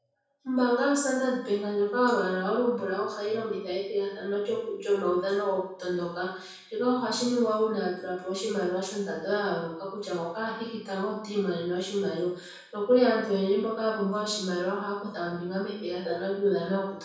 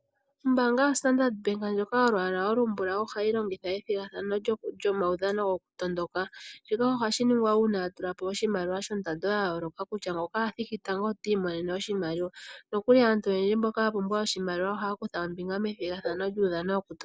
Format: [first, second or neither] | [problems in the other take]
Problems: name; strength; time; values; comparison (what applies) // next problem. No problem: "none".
second | room echo; dies away in 0.7 s